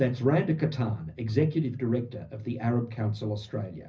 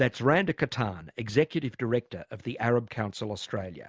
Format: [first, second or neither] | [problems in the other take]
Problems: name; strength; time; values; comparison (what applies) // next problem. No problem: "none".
second | room echo; dies away in 0.4 s